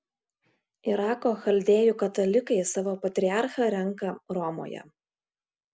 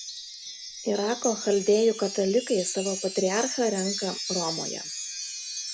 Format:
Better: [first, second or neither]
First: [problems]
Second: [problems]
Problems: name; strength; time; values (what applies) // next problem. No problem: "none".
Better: first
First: none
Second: background sound (Wind chime); 7 dB below the speech